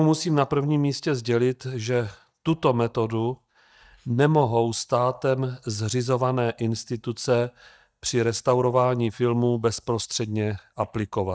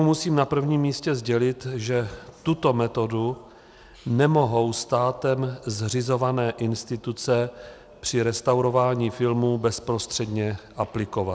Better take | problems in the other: second | noise reduction (neural mask model DeepFilterNet 3)

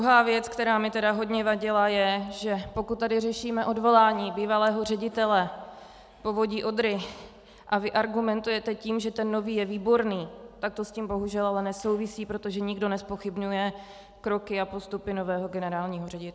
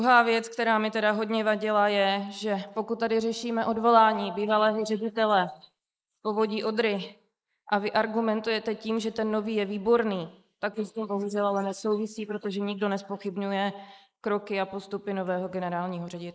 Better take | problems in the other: first | noise reduction (neural mask model Resemble Enhance denoiser)

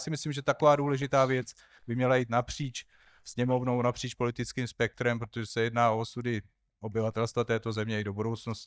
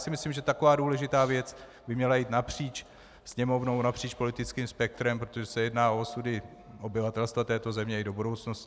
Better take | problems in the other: second | noise reduction (neural mask model DeepFilterNet 3)

